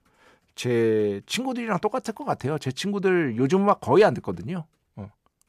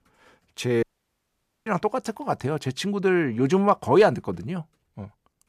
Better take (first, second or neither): first